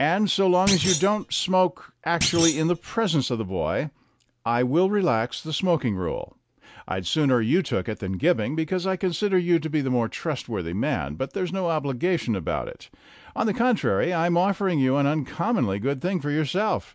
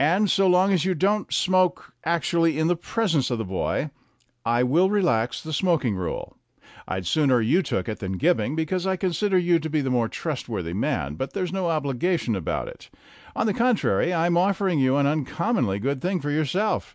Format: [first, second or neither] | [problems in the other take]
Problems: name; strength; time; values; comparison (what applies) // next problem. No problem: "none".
second | background sound (Thump, thud); 6 dB below the speech